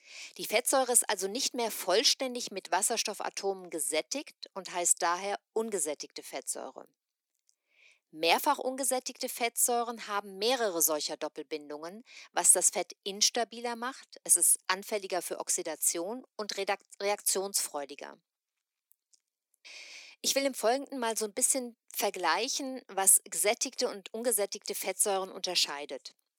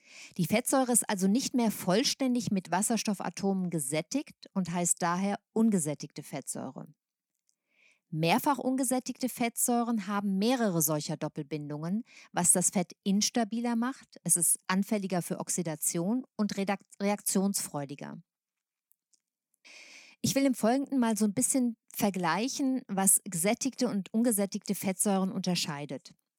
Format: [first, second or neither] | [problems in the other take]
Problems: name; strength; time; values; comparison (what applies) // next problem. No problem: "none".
second | thin; very; fading below 400 Hz